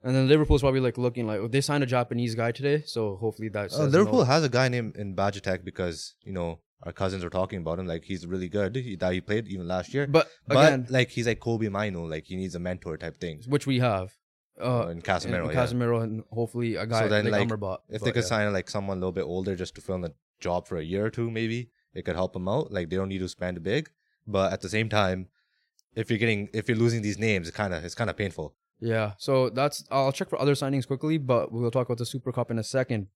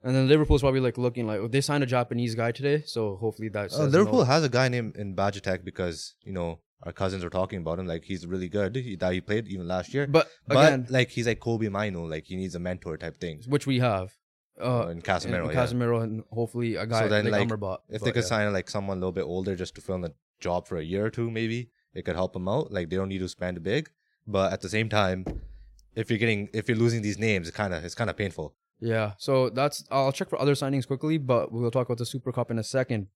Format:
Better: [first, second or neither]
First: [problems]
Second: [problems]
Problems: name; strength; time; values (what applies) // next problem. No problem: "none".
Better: first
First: none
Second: door banging; faint; at 25 s; peak 10 dB below the speech